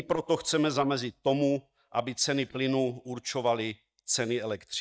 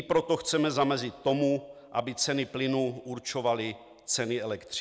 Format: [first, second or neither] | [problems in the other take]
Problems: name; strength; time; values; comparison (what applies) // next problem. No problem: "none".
second | noise reduction (neural mask model DeepFilterNet 3)